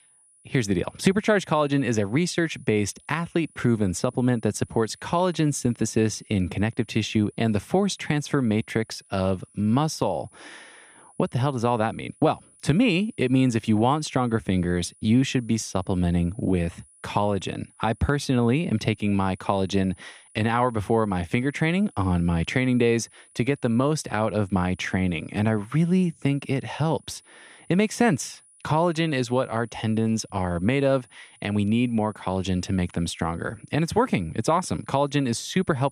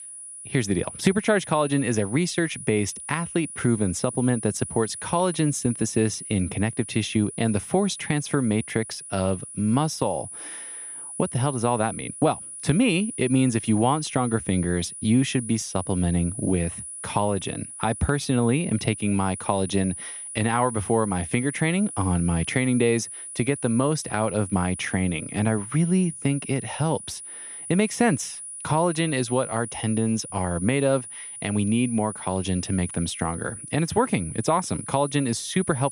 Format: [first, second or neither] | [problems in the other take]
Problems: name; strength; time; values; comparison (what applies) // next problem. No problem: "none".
first | high-pitched whine; loud; throughout; 9.5 kHz, 10 dB below the speech; faint in the first